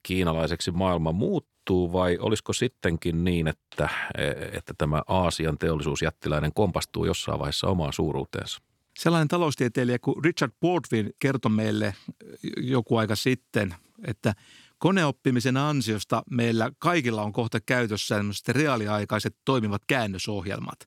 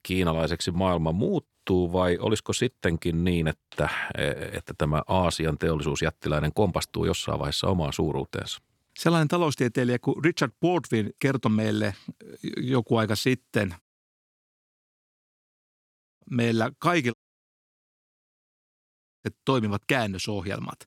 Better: first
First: none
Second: audio cutting out; at 14 s for 2.5 s and at 17 s for 2 s

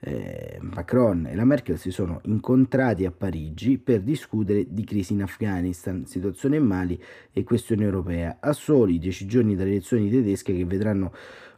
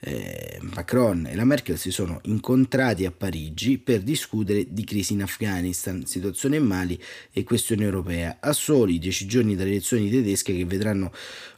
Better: second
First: muffled; slightly; fading above 2 kHz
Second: none

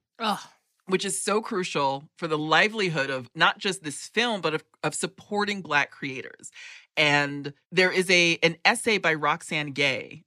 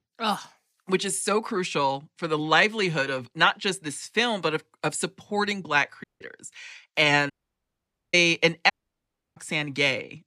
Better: first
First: none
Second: audio cutting out; at 6 s, at 7.5 s for 1 s and at 8.5 s for 0.5 s

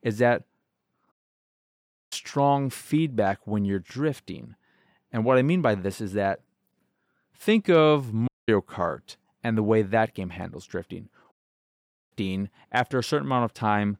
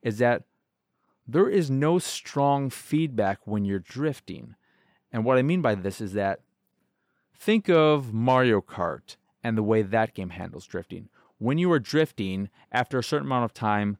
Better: second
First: audio cutting out; at 1 s for 1 s, at 8.5 s and at 11 s for 1 s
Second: none

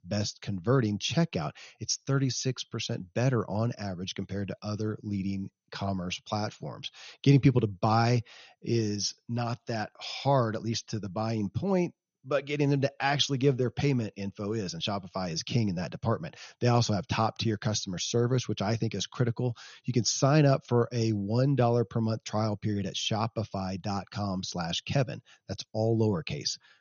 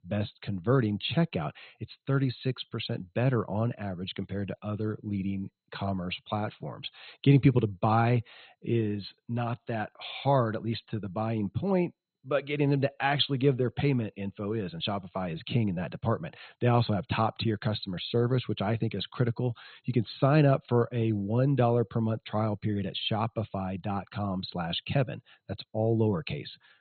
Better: first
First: garbled, watery; slightly; nothing above 6.5 kHz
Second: garbled, watery; badly; nothing above 4 kHz

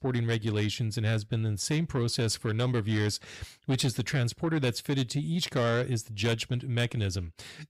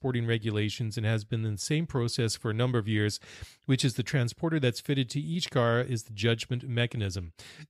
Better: second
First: distortion; slight; 10 dB below the speech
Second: none

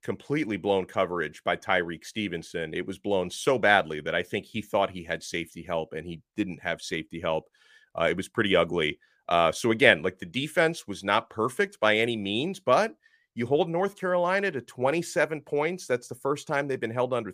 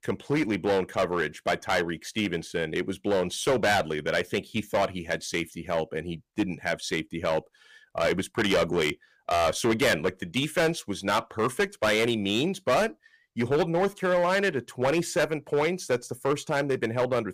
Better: first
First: none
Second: distortion; heavy; 9% of the sound clipped

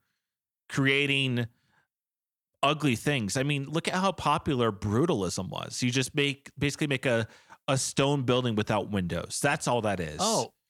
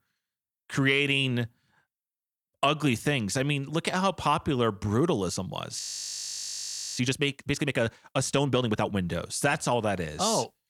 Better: first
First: none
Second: audio freezing; at 6 s for 1 s

